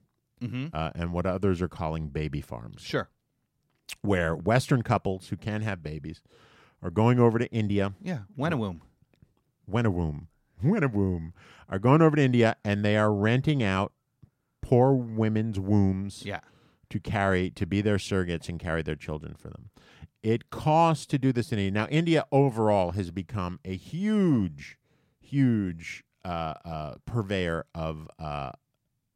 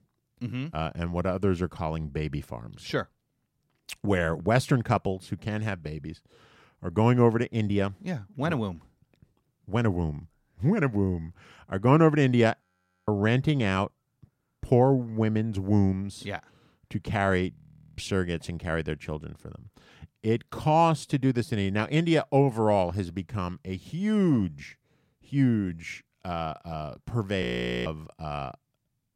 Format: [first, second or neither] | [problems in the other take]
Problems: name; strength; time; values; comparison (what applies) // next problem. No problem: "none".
first | audio freezing; at 13 s, at 18 s and at 27 s